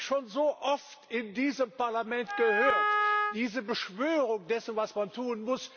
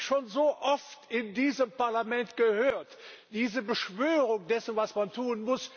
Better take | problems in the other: second | background sound (Wind instrument, woodwind instrument); 2 dB above the speech

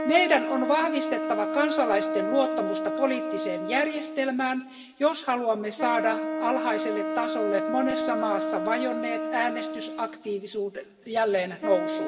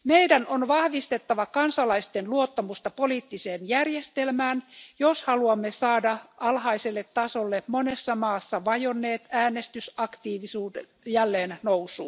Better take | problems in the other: second | background sound (Wind instrument, woodwind instrument); 3 dB below the speech // room echo; dies away in 1.8 s

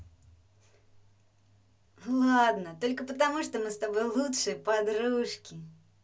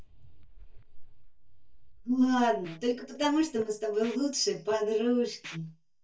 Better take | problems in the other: first | noise reduction (neural mask model DeepFilterNet 3)

